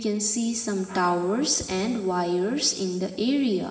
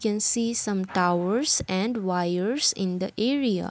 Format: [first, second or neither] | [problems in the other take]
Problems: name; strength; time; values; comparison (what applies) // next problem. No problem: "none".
second | room echo; dies away in 2.6 s